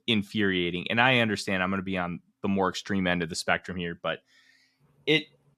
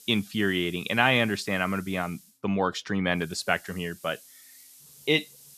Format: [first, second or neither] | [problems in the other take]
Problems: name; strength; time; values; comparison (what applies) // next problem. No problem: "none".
first | hiss; faint; until 2.5 s and from 3 s on; 20 dB below the speech